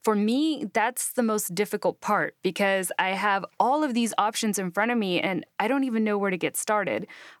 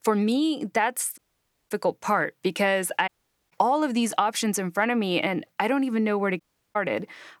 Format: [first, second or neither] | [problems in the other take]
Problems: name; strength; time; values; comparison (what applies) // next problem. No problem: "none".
first | audio cutting out; at 1 s for 0.5 s, at 3 s and at 6.5 s